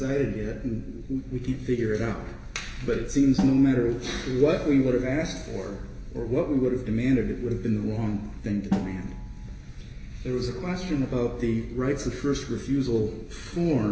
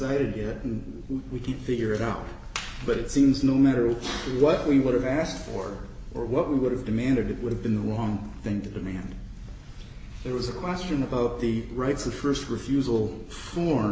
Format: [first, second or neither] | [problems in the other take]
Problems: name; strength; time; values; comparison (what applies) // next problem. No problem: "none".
second | background sound (Snare drum); 12 dB below the speech // room echo; dies away in 2 s